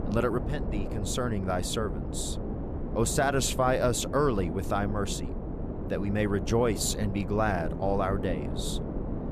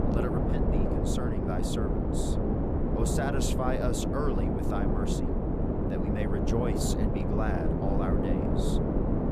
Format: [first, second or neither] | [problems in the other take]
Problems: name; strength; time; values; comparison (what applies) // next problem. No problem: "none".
first | wind noise on the microphone; heavy; 2 dB above the speech; occasional gusts in the first